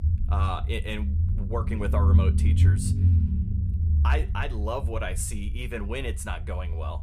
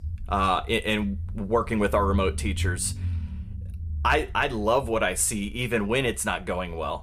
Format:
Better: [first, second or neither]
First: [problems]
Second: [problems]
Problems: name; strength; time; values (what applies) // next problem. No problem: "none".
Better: second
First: low rumble; loud; throughout; 7 dB below the speech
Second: low rumble; faint; throughout; 25 dB below the speech